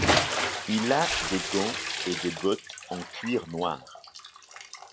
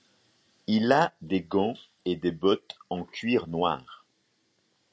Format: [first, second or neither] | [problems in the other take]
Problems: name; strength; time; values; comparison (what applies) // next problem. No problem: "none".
second | background sound (Bathtub (filling or washing) / Splash, splatter); as loud as the speech